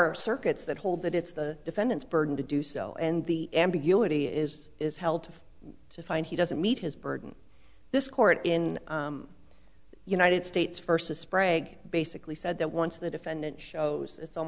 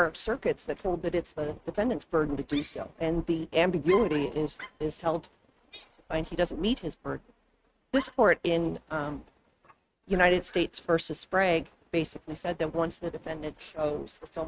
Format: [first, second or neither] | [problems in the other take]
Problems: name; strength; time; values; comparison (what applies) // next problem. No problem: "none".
first | noise reduction (neural mask model RNNoise)